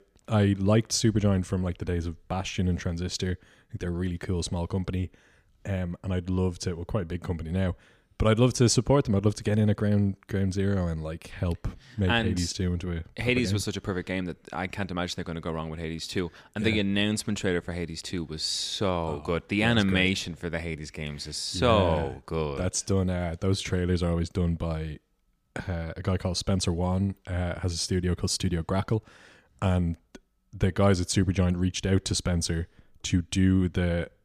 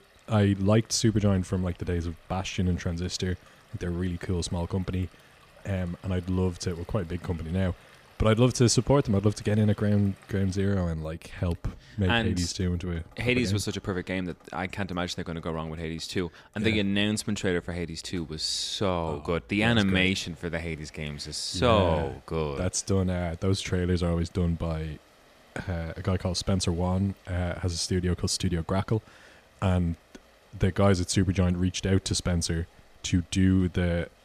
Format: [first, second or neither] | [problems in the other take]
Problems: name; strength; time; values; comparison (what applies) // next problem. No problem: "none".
first | rain or running water; faint; throughout; 30 dB below the speech